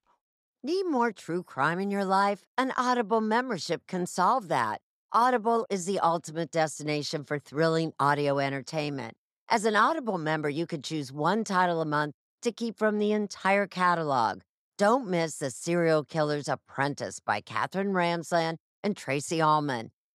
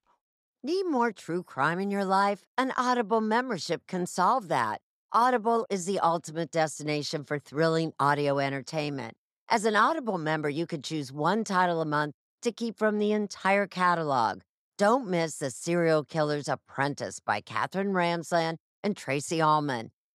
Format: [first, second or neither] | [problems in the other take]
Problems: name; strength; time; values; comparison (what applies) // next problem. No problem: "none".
neither | none